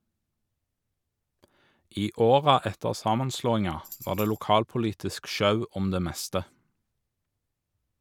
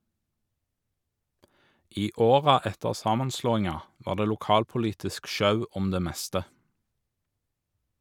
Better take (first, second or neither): second